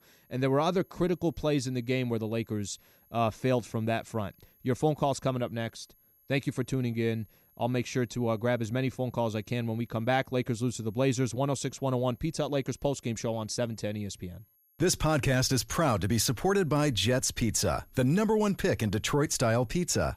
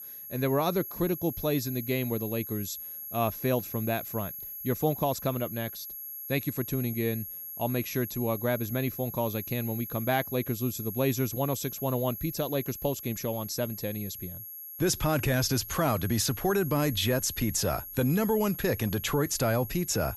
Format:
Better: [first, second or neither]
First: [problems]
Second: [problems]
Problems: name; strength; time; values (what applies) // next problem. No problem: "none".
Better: first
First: high-pitched whine; faint; throughout; 11.5 kHz, 35 dB below the speech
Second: high-pitched whine; loud; throughout; 11.5 kHz, 8 dB below the speech